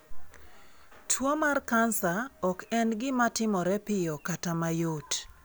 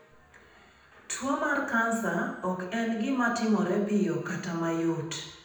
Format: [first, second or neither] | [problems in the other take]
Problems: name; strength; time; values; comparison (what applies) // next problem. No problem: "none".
first | room echo; dies away in 0.9 s